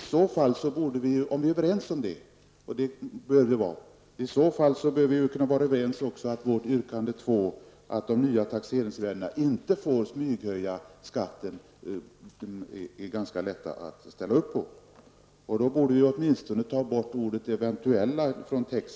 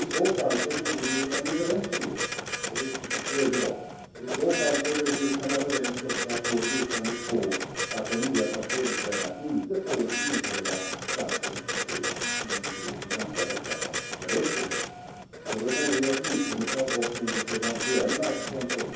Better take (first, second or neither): first